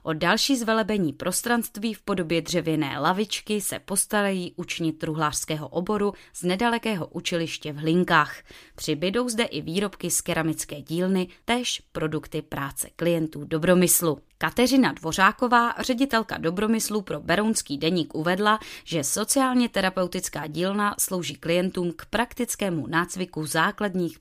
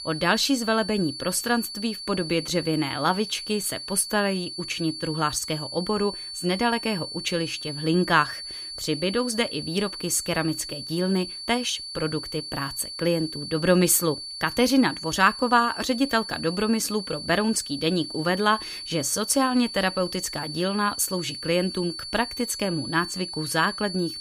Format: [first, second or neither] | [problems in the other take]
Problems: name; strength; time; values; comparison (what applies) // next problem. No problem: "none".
first | high-pitched whine; loud; throughout; 4.5 kHz, 8 dB below the speech